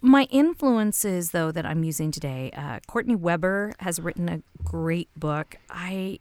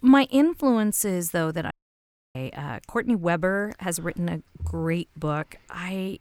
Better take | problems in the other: first | audio cutting out; at 1.5 s for 0.5 s

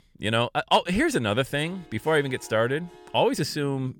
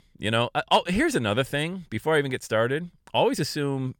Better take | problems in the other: second | background music; faint; from 1.5 s on; 25 dB below the speech

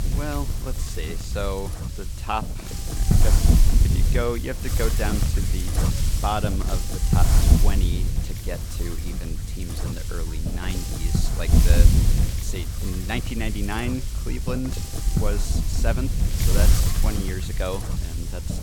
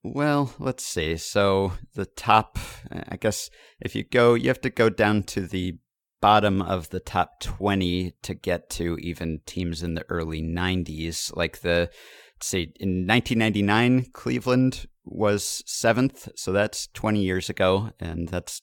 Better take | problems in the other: second | wind noise on the microphone; heavy; 2 dB below the speech

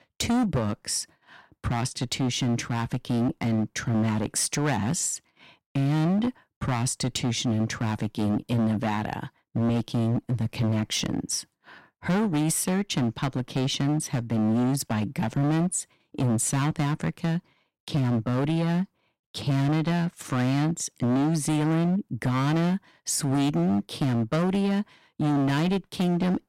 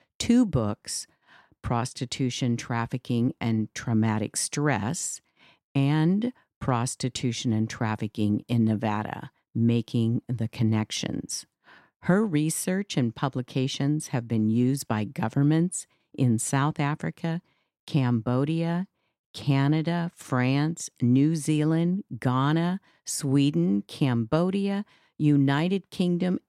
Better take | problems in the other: second | distortion; heavy; 18% of the sound clipped

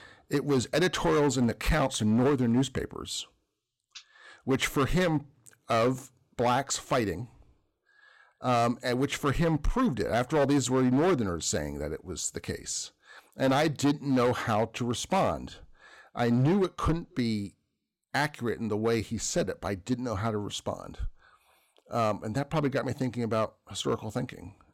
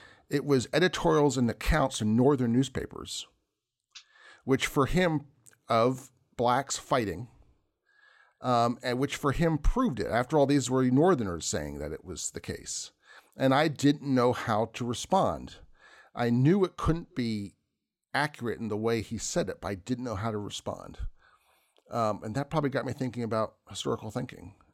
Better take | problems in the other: second | distortion; slight; 6% of the sound clipped

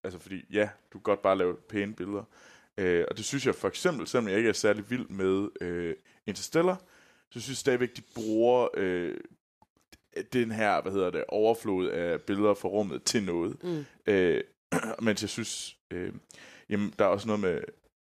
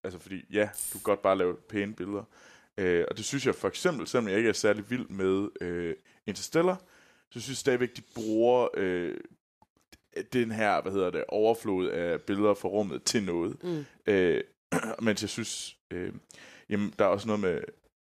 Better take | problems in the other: first | jangling keys; noticeable; at 0.5 s; peak 5 dB below the speech

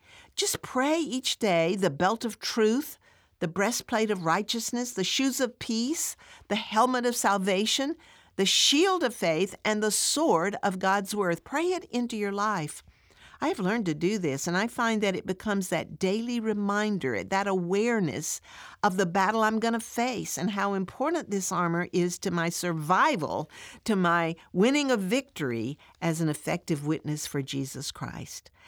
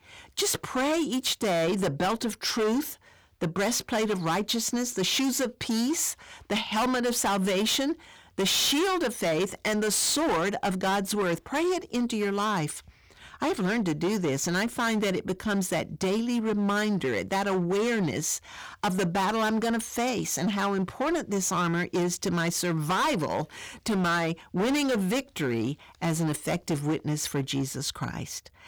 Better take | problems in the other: first | distortion; heavy; 19% of the sound clipped

